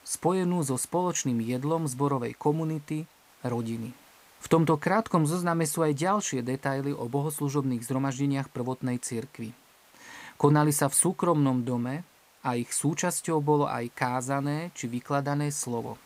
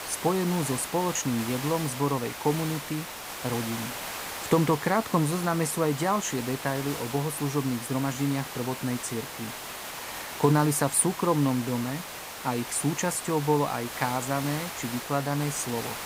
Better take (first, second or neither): first